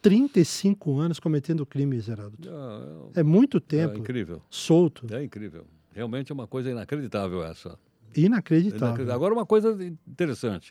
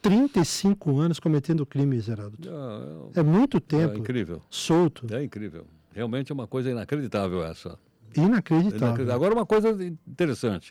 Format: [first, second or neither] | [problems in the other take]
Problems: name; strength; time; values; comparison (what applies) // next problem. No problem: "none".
first | distortion; slight; 8% of the sound clipped